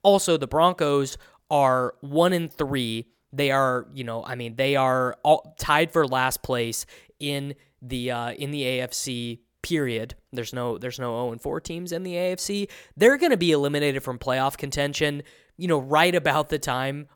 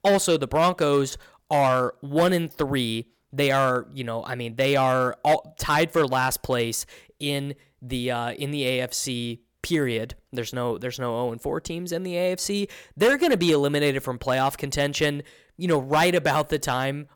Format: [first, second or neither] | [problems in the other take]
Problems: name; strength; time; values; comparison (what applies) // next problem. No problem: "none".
first | distortion; slight; 3% of the sound clipped